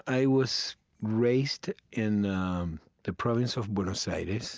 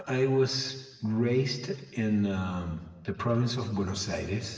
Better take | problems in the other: first | room echo; dies away in 1.1 s

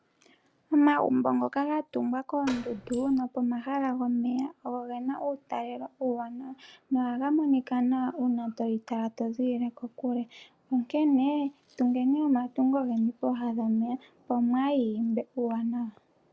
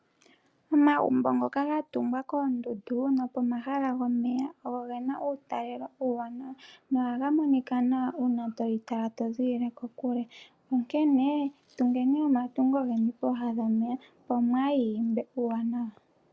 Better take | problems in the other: second | background sound (Door); 14 dB below the speech

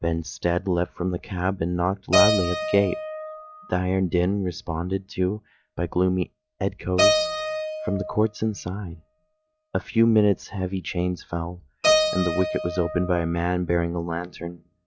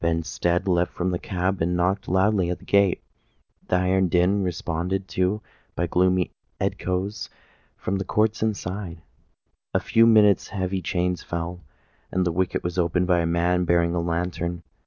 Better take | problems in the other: second | noise reduction (classical method log-MMSE)

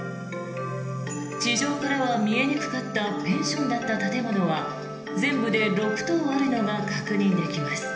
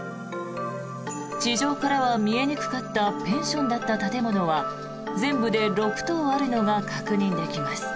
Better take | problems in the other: second | room echo; dies away in 0.8 s

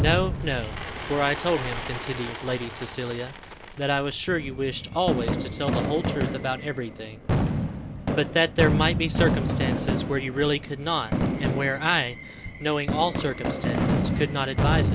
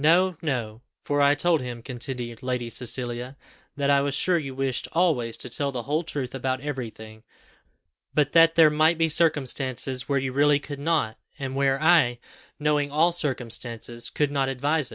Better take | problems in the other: second | background sound (Fireworks); as loud as the speech

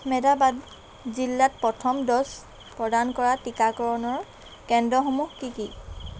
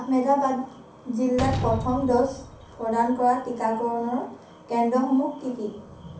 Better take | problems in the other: first | background sound (Slam); 10 dB below the speech // room echo; dies away in 0.6 s

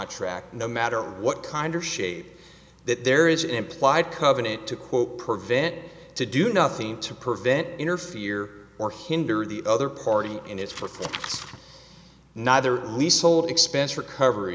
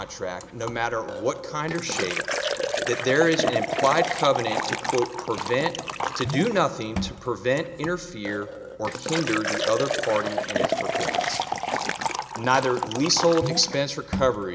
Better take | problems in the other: first | background sound (Liquid); 3 dB below the speech

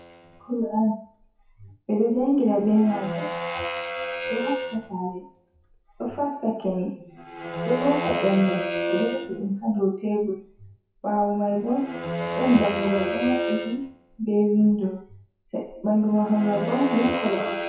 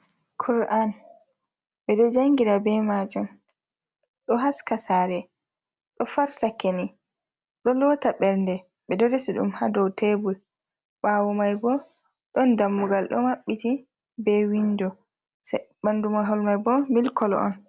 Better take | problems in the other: second | noise reduction (classical method WPE with log-MMSE)

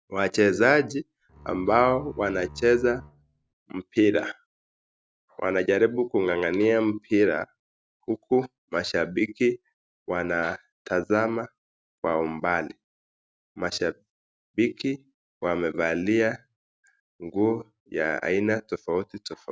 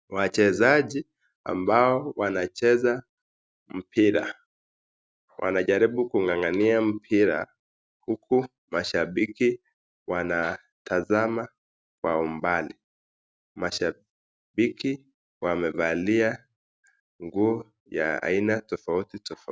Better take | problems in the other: second | background sound (Bowed string instrument); 19 dB below the speech

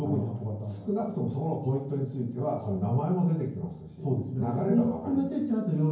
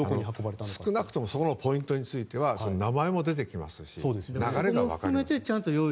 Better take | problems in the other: second | room echo; dies away in 0.9 s

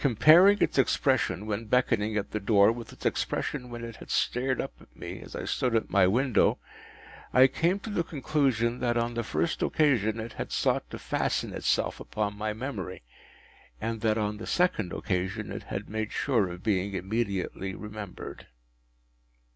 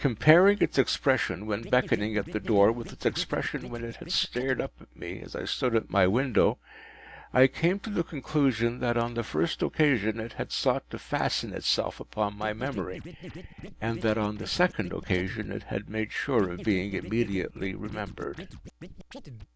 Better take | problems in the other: first | background sound (Scratching (performance technique)); 14 dB below the speech

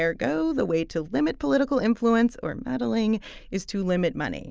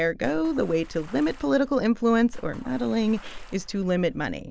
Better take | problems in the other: first | background sound (Water / Splash, splatter); 15 dB below the speech

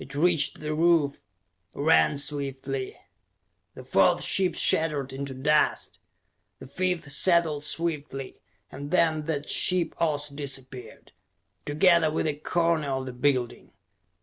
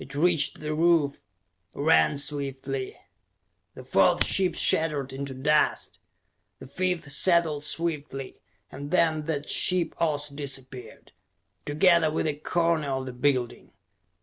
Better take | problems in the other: first | background sound (Typing); 8 dB below the speech

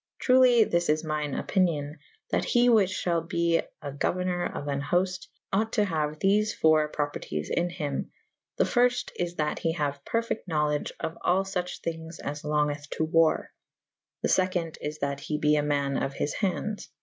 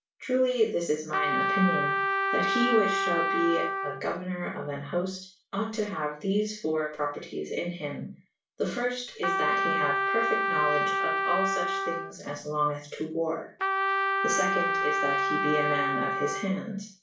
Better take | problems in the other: first | background sound (Trumpet); 3 dB above the speech // room echo; dies away in 0.3 s

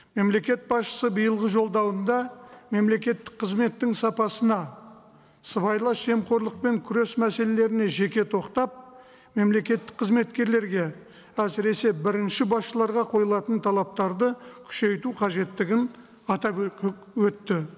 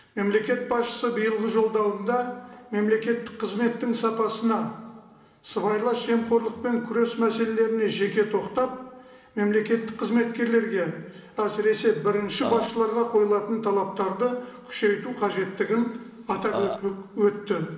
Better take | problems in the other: first | background sound (Burping, eructation); 8 dB below the speech // room echo; dies away in 1 s

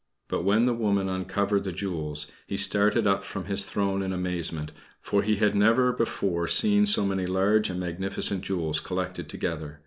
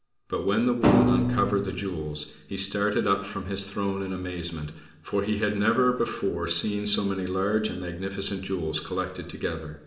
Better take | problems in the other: first | background sound (Thump, thud); 4 dB above the speech // room echo; dies away in 1.6 s

